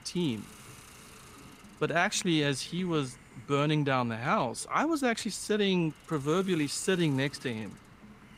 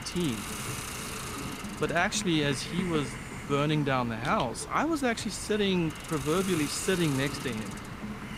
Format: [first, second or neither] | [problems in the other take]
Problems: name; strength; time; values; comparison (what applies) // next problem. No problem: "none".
first | hiss; loud; throughout; 8 dB below the speech; faint in the first